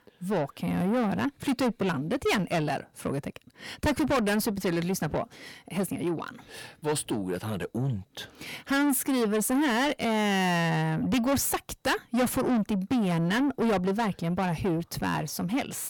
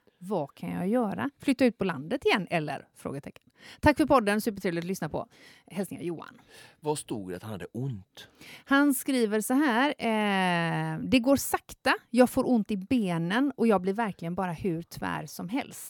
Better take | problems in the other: second | distortion; heavy; 6 dB below the speech

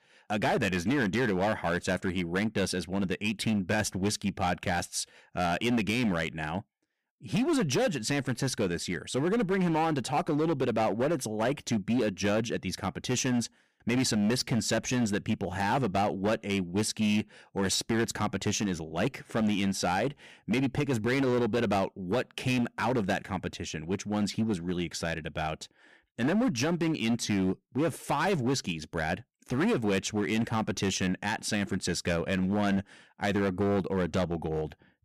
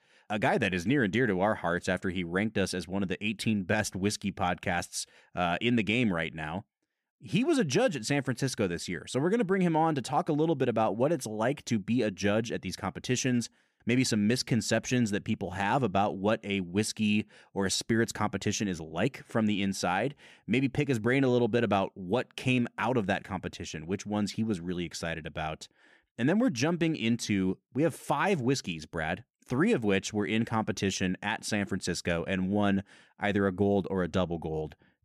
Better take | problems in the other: second | distortion; slight; 11% of the sound clipped

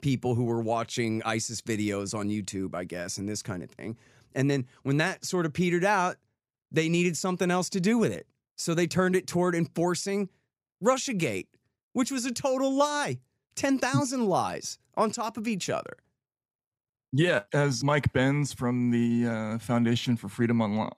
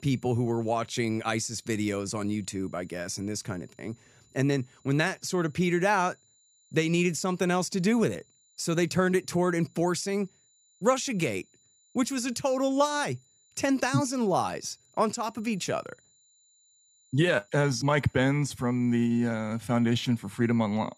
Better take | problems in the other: first | high-pitched whine; faint; throughout; 7 kHz, 35 dB below the speech

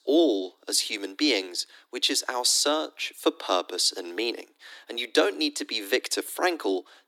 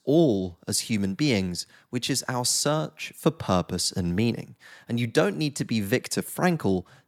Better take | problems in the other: second | thin; somewhat; fading below 300 Hz

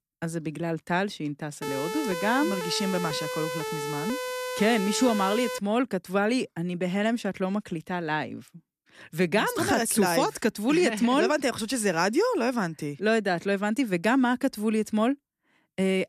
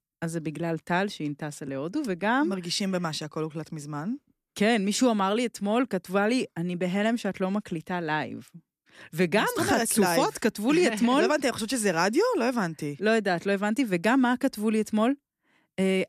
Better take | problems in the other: second | siren; noticeable; from 1.5 to 5.5 s; peak 5 dB below the speech

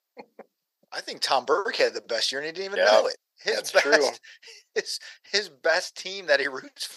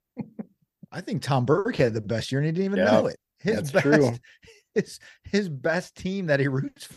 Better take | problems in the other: second | thin; very; fading below 550 Hz

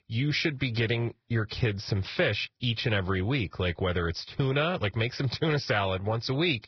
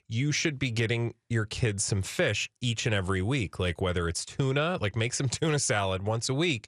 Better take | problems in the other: second | garbled, watery; badly; nothing above 5.5 kHz

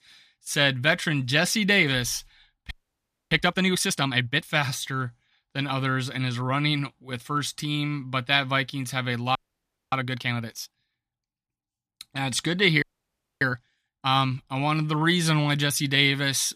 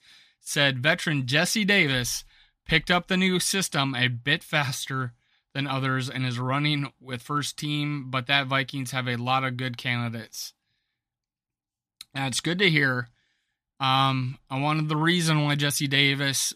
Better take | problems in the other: second | audio freezing; at 2.5 s for 0.5 s, at 9.5 s for 0.5 s and at 13 s for 0.5 s

